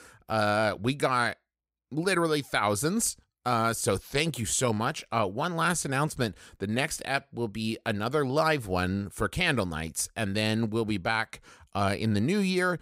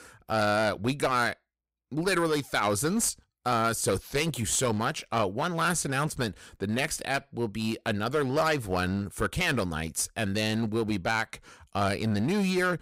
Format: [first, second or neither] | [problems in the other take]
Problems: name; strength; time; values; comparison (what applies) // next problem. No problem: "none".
first | distortion; slight; 6% of the sound clipped